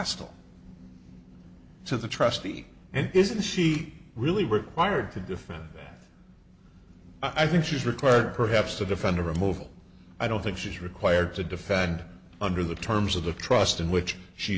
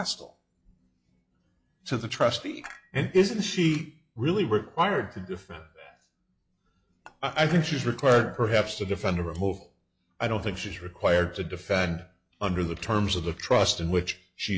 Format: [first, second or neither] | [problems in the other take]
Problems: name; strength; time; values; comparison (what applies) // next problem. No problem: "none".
first | noise reduction (classical method log-MMSE)